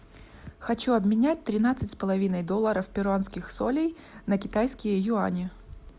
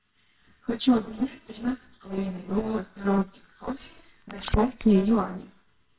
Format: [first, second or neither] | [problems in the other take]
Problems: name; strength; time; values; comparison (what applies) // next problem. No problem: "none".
first | noise reduction (neural separator model SepFormer WHAMR!)